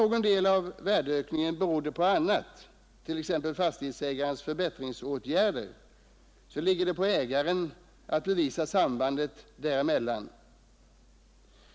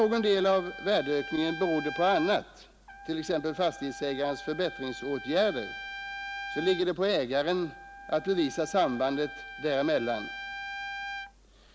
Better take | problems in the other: first | background sound (Trumpet); 12 dB below the speech

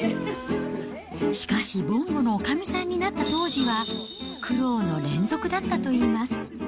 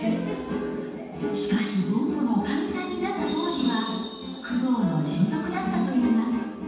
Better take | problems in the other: first | room echo; dies away in 1.2 s

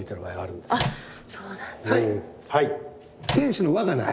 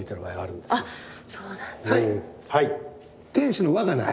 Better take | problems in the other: second | background sound (Microwave oven); 5 dB below the speech

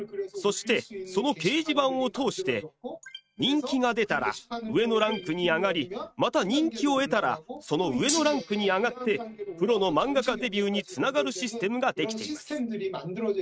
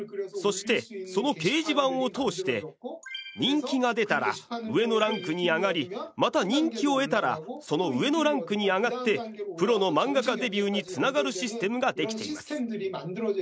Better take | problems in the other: second | noise reduction (neural mask model RNNoise)

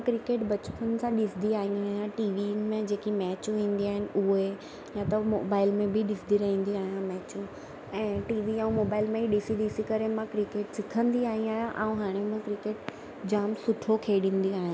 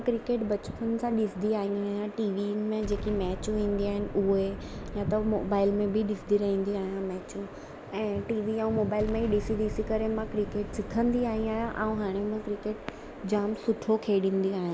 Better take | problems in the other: first | background sound (Explosion); 13 dB below the speech

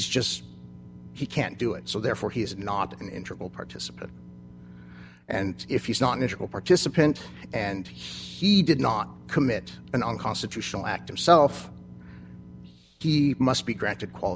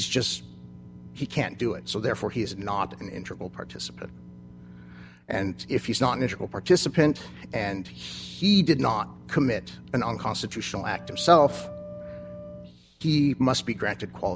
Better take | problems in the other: first | background sound (Wind instrument, woodwind instrument); 17 dB below the speech

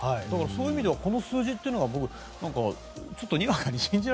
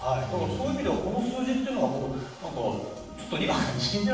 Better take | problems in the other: first | room echo; dies away in 0.7 s

